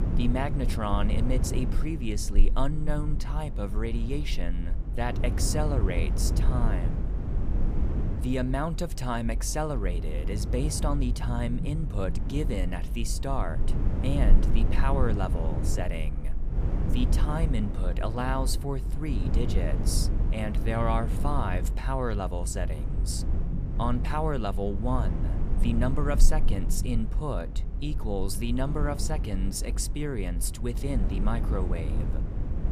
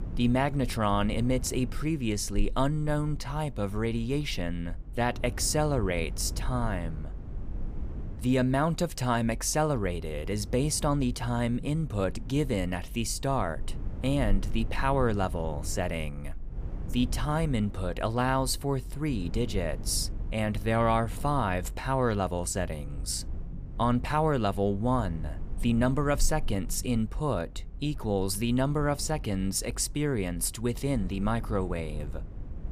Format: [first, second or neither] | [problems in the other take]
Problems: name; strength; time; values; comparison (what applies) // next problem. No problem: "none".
second | low rumble; loud; throughout; 9 dB below the speech; faint in the second